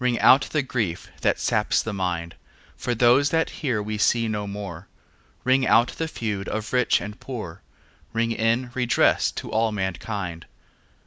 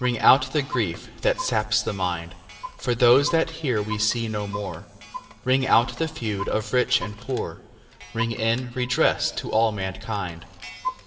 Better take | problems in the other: first | background sound (Clock); 14 dB below the speech // room echo; dies away in 2.4 s

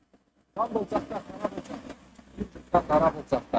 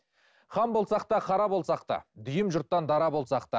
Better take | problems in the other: second | noise reduction (neural mask model RNNoise)

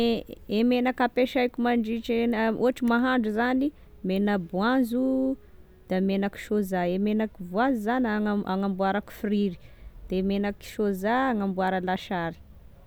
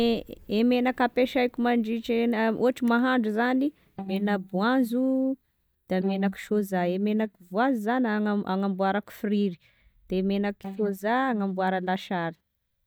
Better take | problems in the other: first | noise reduction (neural mask model DeepFilterNet 3)

